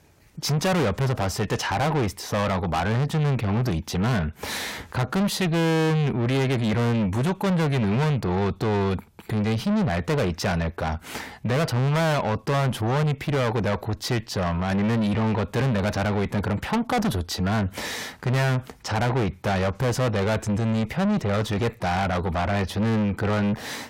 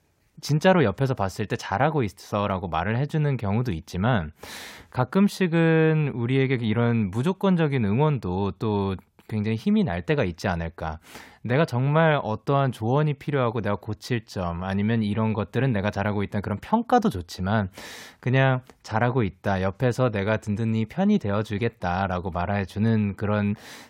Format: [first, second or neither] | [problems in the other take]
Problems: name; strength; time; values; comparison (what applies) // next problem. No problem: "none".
second | distortion; heavy; 5 dB below the speech